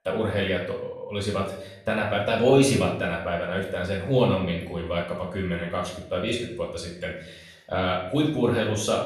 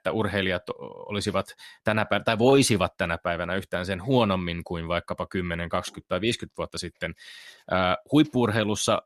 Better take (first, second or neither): second